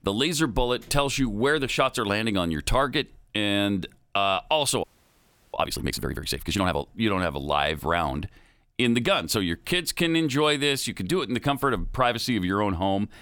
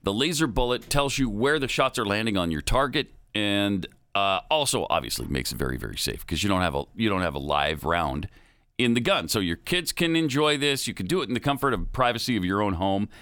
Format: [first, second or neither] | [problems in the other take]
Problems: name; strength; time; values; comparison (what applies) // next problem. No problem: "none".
second | audio freezing; at 5 s for 0.5 s